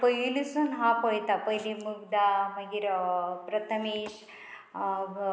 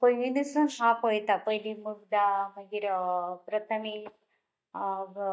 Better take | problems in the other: first | noise reduction (neural mask model DeepFilterNet 3)

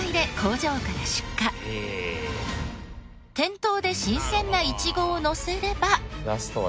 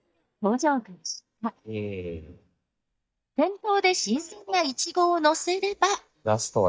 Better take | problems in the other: first | noise reduction (neural mask model DeepFilterNet 3)

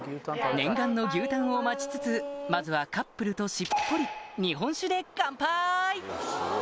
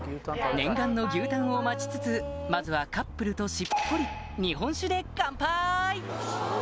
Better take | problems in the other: first | background sound (Bass guitar); 11 dB below the speech

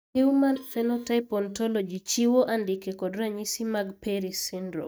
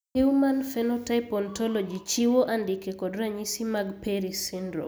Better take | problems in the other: second | noise reduction (neural mask model DeepFilterNet 3)

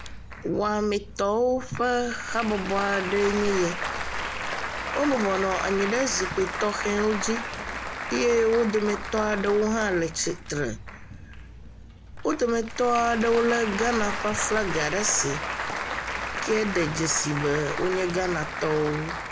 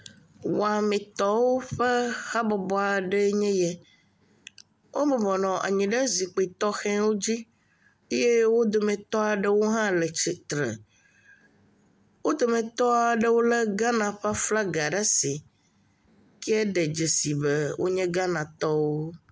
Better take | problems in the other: second | background sound (Applause); 6 dB below the speech

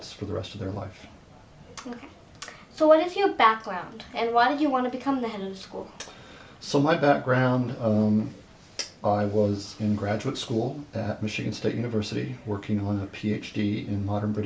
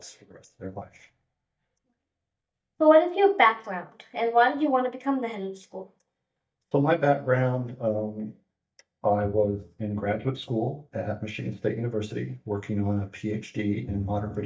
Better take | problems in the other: first | noise reduction (neural mask model DeepFilterNet 3)

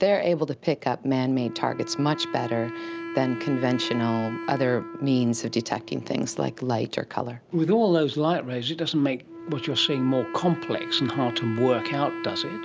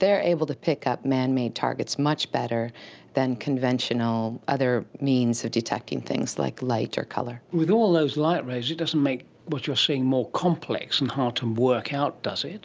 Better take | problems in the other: second | background sound (Wind instrument, woodwind instrument); 11 dB below the speech

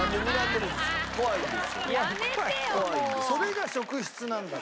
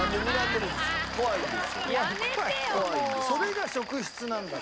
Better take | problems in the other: first | background sound (Insect); 17 dB below the speech

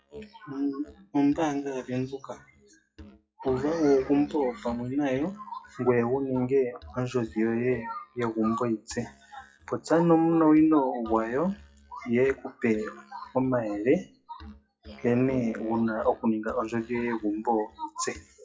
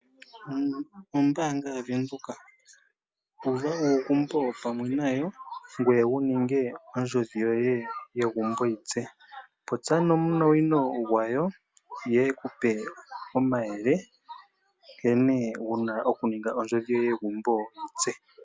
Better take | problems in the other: second | noise reduction (classical method WPE with log-MMSE)

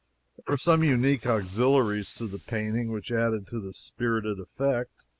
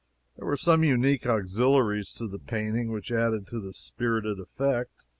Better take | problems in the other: second | noise reduction (neural mask model Resemble Enhance denoiser)

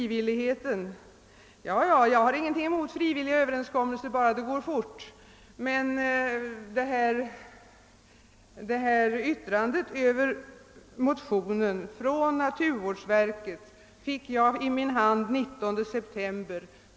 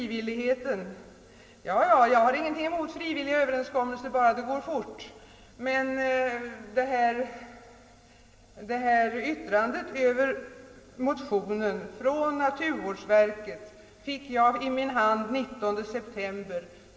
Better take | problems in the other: first | room echo; dies away in 2.6 s

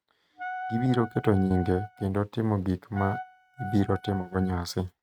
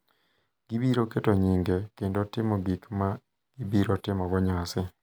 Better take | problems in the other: second | noise reduction (neural mask model RNNoise)

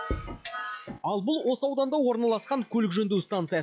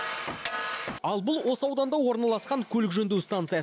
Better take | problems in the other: second | noise reduction (classical method log-MMSE)

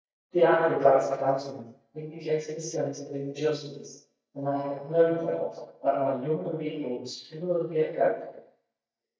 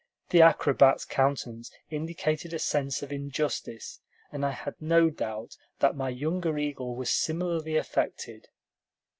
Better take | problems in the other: second | noise reduction (neural mask model DeepFilterNet 3)

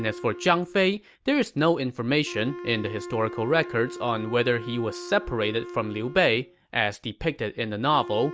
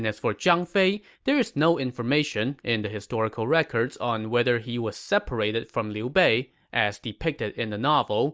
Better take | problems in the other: second | background sound (Wind instrument, woodwind instrument); 14 dB below the speech

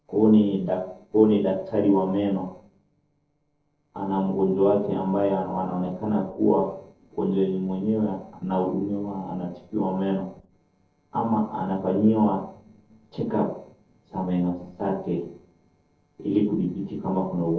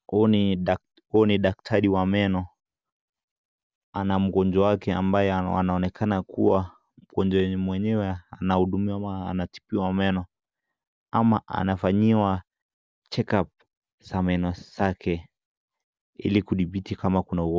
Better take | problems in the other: second | noise reduction (neural separator model SepFormer DNS4)

